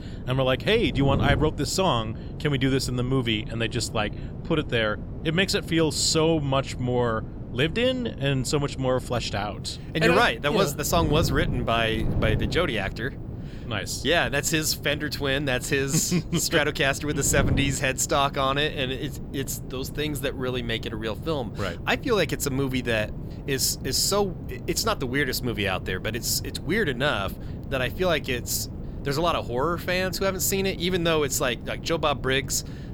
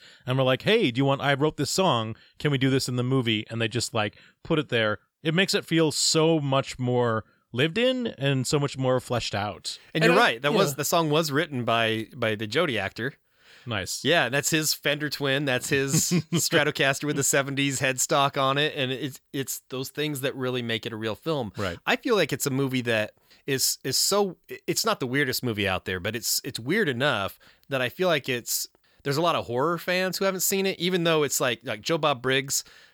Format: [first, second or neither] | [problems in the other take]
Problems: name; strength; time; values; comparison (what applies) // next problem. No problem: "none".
second | wind noise on the microphone; occasional gusts; 15 dB below the speech